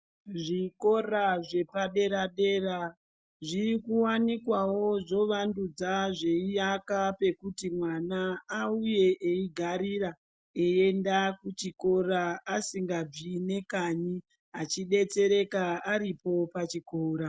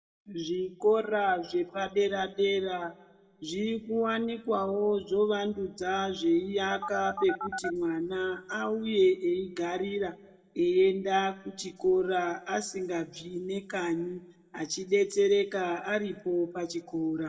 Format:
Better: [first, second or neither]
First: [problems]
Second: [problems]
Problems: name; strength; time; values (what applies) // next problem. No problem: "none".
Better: first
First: none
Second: background sound (Telephone); 6 dB below the speech // room echo; dies away in 0.6 s